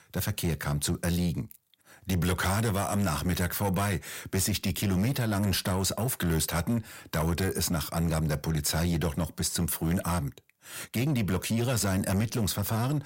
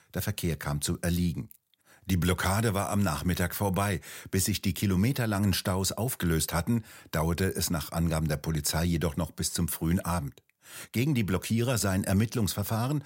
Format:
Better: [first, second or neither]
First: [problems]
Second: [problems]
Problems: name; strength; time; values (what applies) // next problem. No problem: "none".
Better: second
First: distortion; slight; 10 dB below the speech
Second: none